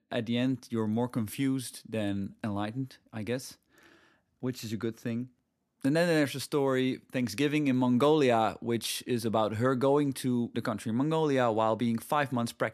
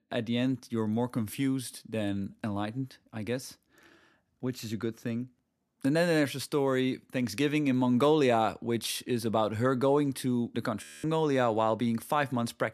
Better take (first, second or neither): first